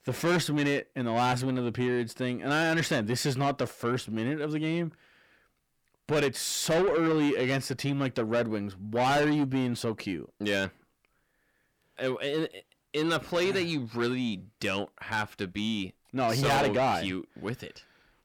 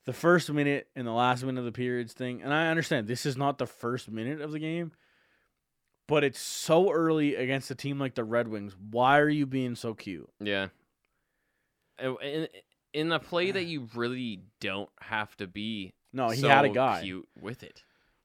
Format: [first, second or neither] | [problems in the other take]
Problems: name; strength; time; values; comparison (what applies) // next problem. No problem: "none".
second | distortion; heavy; 6 dB below the speech